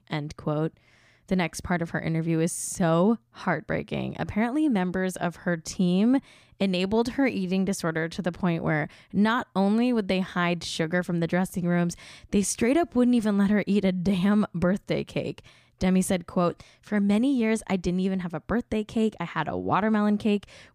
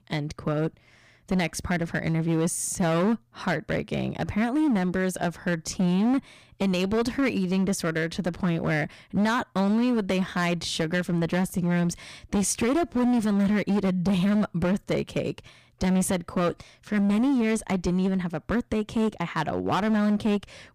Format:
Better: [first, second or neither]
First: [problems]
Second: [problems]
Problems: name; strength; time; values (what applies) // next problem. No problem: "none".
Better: first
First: none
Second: distortion; slight; 14% of the sound clipped